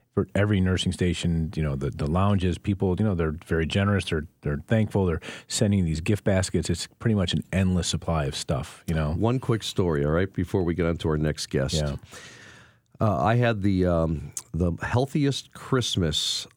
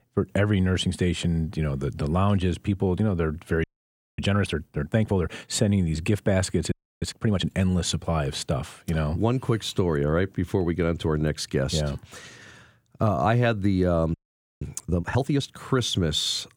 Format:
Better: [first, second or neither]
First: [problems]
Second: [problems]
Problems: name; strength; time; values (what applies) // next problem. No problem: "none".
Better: first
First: none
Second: audio freezing; at 3.5 s for 0.5 s, at 6.5 s and at 14 s